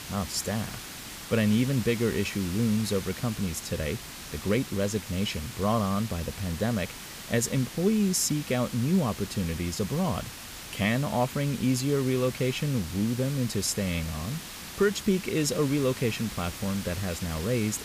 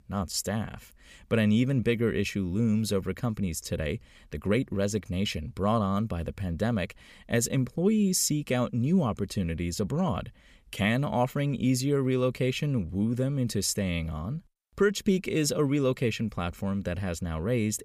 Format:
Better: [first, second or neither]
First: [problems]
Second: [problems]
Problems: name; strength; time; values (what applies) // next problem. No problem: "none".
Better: second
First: hiss; noticeable; throughout; 10 dB below the speech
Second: none